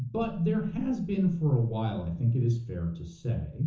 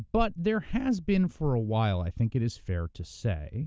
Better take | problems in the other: second | room echo; dies away in 0.7 s

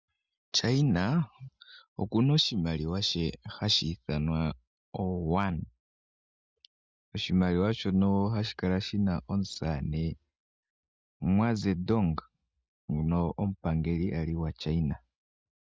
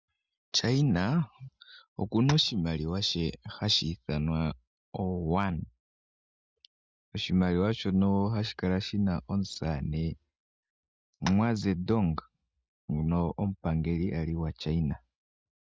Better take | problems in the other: first | background sound (Tap); 10 dB below the speech

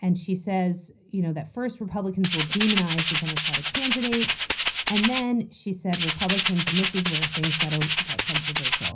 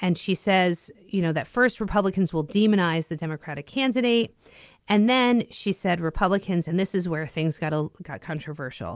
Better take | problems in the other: second | background sound (Rattle (instrument)); 1 dB above the speech // room echo; dies away in 0.4 s

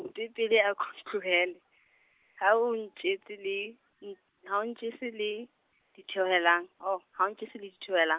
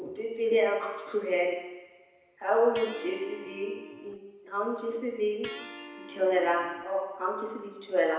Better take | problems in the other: first | background sound (Electric guitar); 17 dB below the speech // room echo; dies away in 1 s

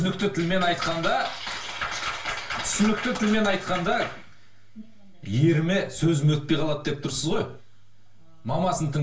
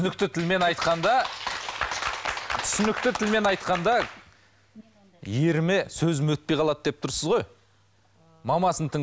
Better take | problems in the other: second | room echo; dies away in 0.3 s

